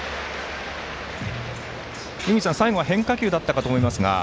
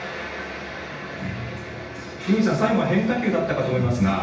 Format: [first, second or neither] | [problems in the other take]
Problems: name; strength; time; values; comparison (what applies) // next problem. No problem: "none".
first | room echo; dies away in 0.9 s